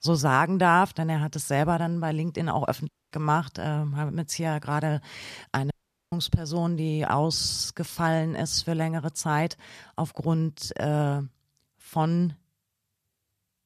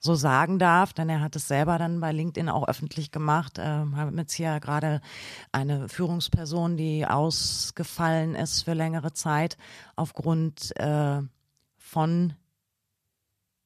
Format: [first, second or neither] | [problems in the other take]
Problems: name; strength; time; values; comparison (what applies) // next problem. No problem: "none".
second | audio cutting out; at 3 s and at 5.5 s